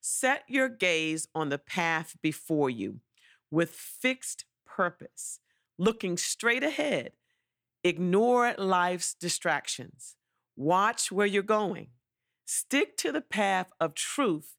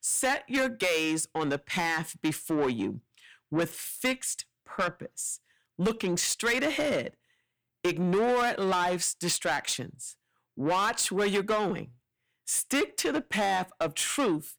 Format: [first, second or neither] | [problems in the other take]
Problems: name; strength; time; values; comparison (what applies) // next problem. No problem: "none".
first | distortion; heavy; 8 dB below the speech